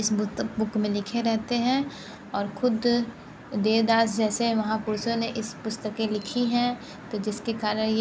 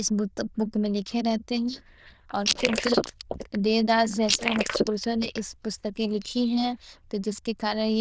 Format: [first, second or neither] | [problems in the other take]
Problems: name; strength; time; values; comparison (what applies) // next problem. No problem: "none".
first | noise reduction (neural diffusion model UNIVERSE++)